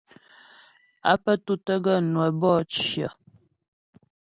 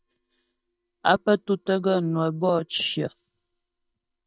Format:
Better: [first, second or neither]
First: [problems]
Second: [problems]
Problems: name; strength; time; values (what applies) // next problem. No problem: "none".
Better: first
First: none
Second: noise reduction (neural mask model DeepFilterNet 3)